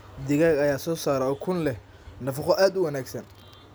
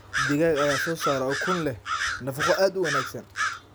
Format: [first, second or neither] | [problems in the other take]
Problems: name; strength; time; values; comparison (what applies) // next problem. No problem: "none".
first | background sound (Bird vocalization, bird call, bird song); 3 dB below the speech